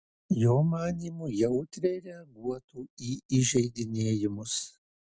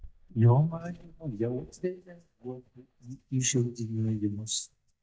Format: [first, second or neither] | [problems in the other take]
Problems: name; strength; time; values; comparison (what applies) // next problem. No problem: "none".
first | noise reduction (neural mask model DeepFilterNet 3)